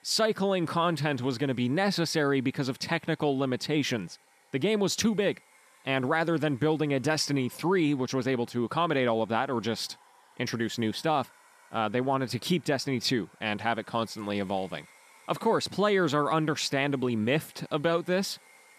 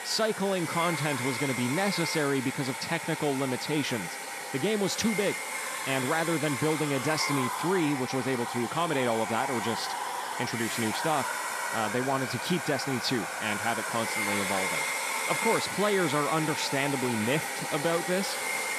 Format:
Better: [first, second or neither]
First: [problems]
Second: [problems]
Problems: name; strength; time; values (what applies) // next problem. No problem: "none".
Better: first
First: household noises; faint; throughout; 30 dB below the speech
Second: household noises; loud; throughout; 2 dB below the speech